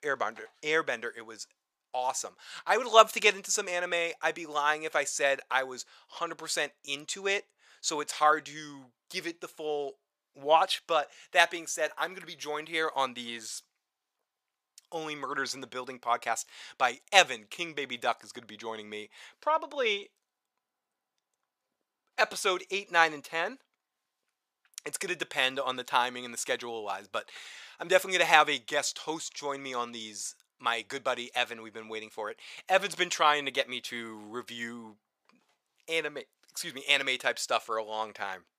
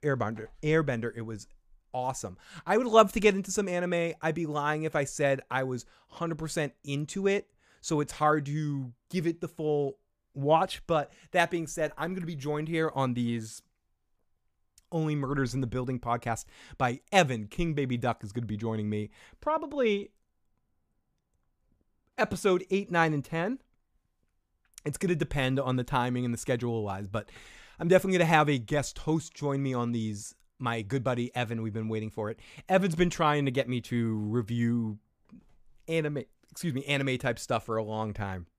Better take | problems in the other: second | thin; very; fading below 650 Hz

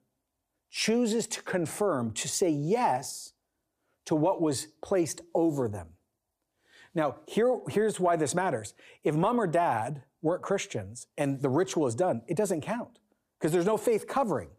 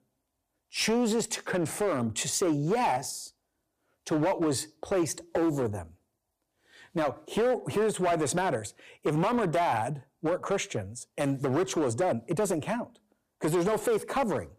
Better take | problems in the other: first | distortion; slight; 9% of the sound clipped

